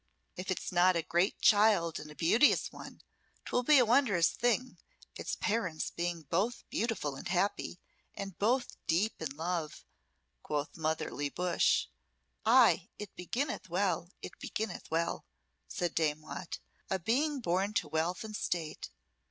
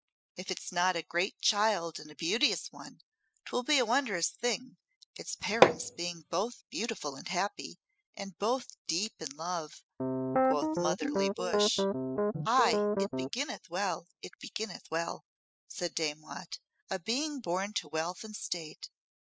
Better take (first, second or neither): first